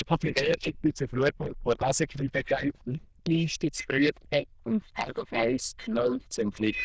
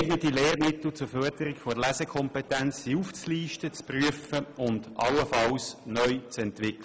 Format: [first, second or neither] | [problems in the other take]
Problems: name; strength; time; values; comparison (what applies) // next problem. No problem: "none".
second | noise reduction (neural diffusion model UNIVERSE++)